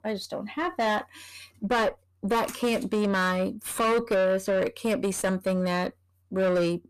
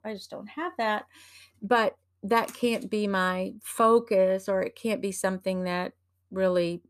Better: second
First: distortion; heavy; 7 dB below the speech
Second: none

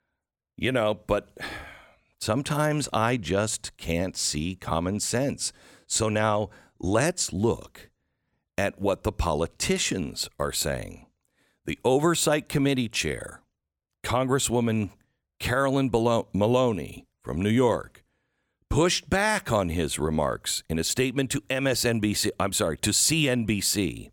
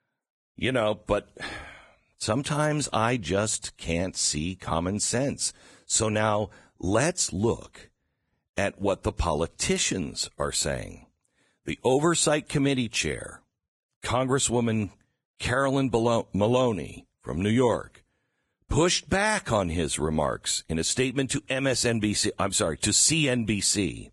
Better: first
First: none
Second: garbled, watery; badly; nothing above 10 kHz

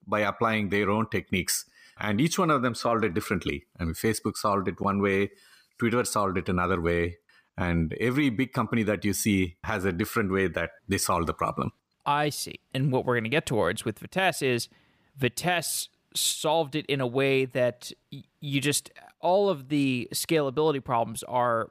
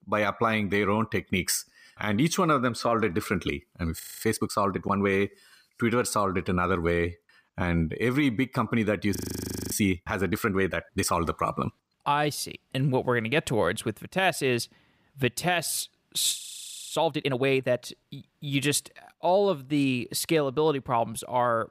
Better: first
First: none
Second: audio freezing; at 4 s, at 9 s for 0.5 s and at 16 s for 0.5 s

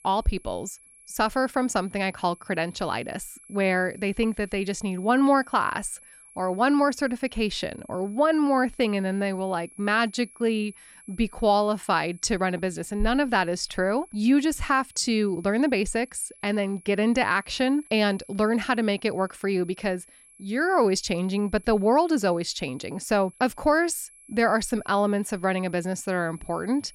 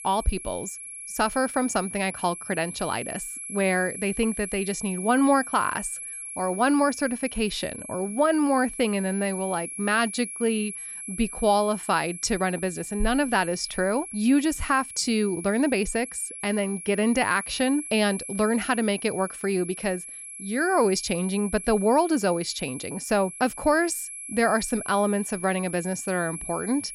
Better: first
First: high-pitched whine; faint; throughout; 11 kHz, 25 dB below the speech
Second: high-pitched whine; loud; throughout; 11 kHz, 10 dB below the speech

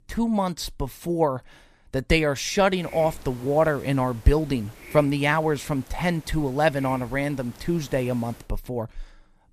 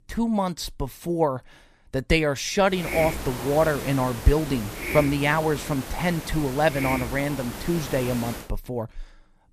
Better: first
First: hiss; faint; from 2.5 to 8.5 s; 20 dB below the speech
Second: hiss; loud; from 2.5 to 8.5 s; 8 dB below the speech

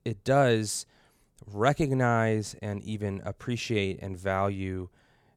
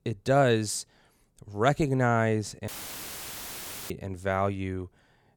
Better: first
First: none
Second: audio cutting out; filled with static; at 2.5 s for 1 s

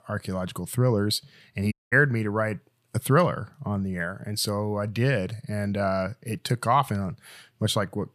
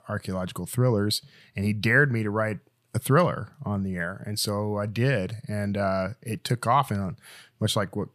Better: second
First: audio cutting out; at 1.5 s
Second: none

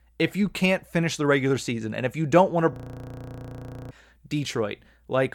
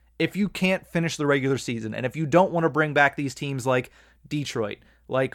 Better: second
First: audio freezing; at 2.5 s for 1 s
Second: none

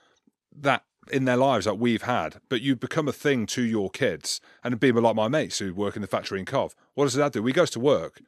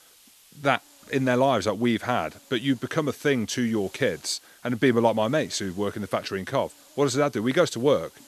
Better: first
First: none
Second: hiss; faint; throughout; 25 dB below the speech

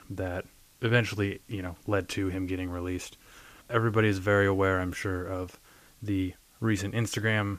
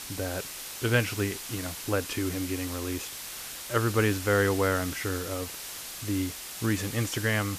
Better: first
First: hiss; faint; throughout; 30 dB below the speech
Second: hiss; loud; throughout; 7 dB below the speech

